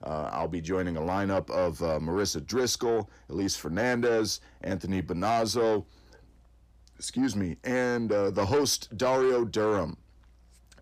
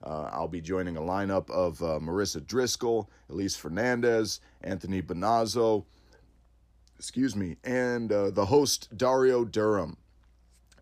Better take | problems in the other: second | distortion; slight; 10 dB below the speech

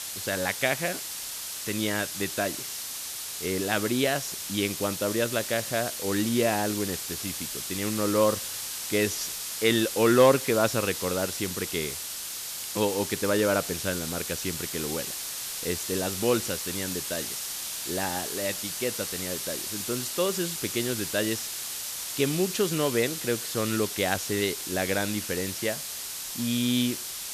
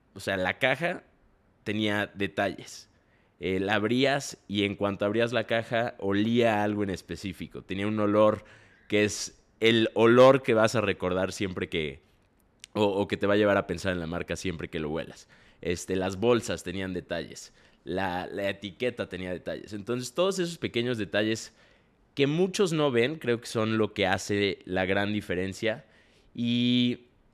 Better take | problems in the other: second | hiss; loud; throughout; 4 dB below the speech

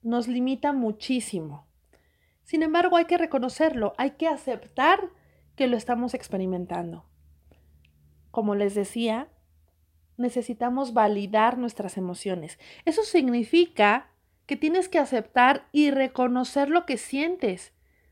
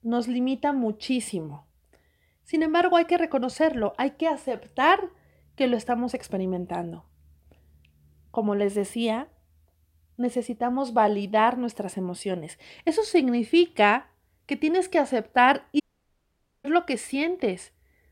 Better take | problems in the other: first | audio cutting out; at 16 s for 1 s

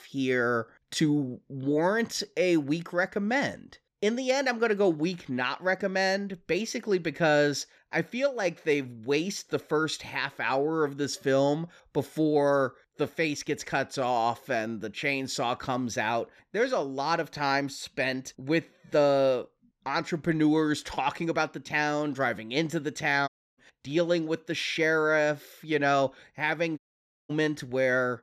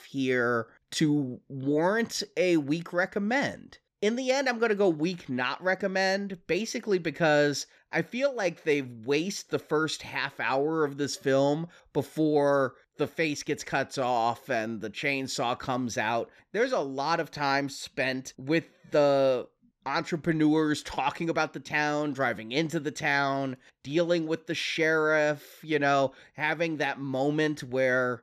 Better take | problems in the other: second | audio cutting out; at 23 s and at 27 s for 0.5 s

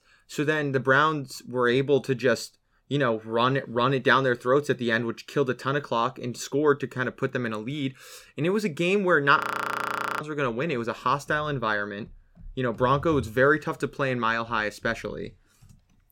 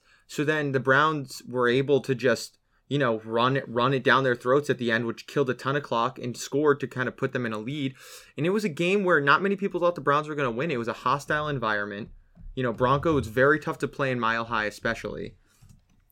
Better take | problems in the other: second | audio freezing; at 9.5 s for 1 s

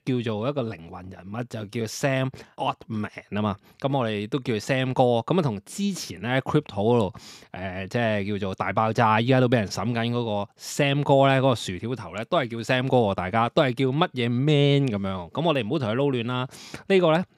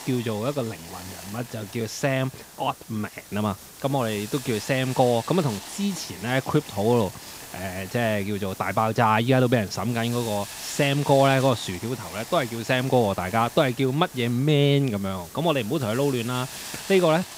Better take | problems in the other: first | hiss; noticeable; throughout; 15 dB below the speech

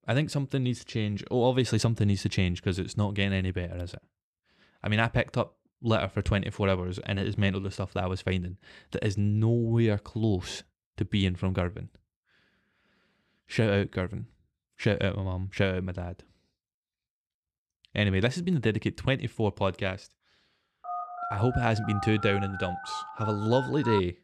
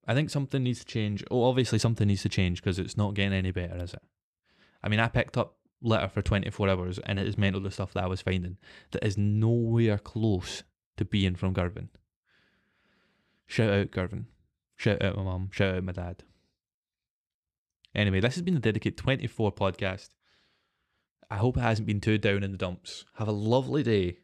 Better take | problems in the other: second | phone ringing; noticeable; from 21 s on; peak 5 dB below the speech

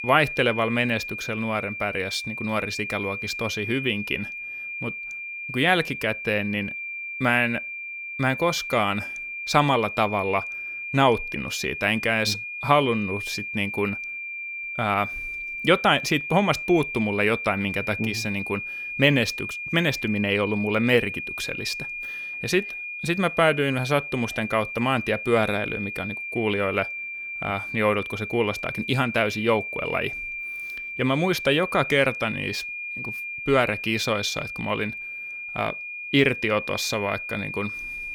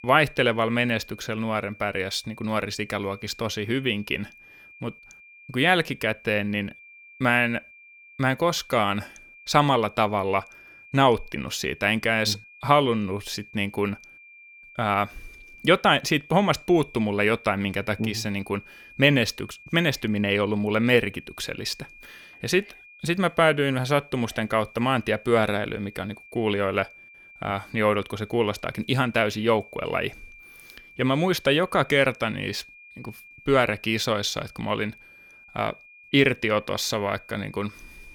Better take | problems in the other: second | high-pitched whine; loud; throughout; 2.5 kHz, 6 dB below the speech; faint in the second

